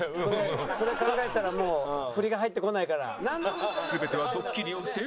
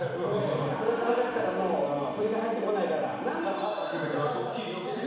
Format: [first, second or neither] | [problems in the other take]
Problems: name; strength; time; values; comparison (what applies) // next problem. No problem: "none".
first | background sound (Organ); 12 dB below the speech // room echo; dies away in 1.1 s